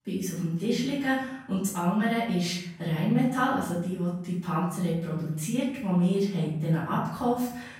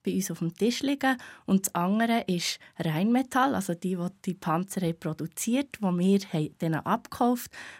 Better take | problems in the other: second | off-mic speech; far // room echo; noticeable; dies away in 0.9 s

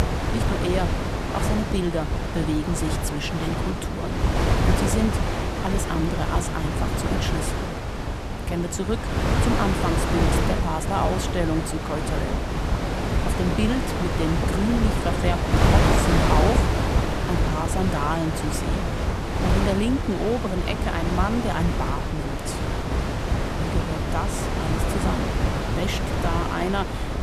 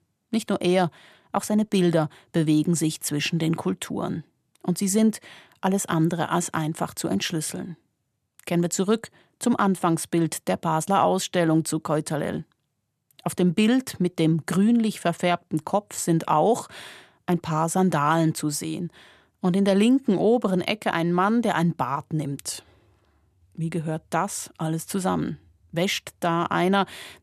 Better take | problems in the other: second | wind noise on the microphone; heavy; 2 dB above the speech

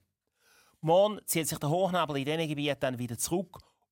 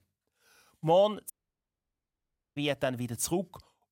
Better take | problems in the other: first | audio cutting out; at 1.5 s for 1.5 s

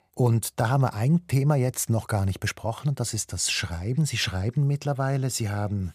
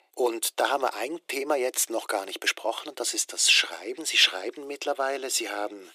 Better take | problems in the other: first | thin; very; fading below 300 Hz

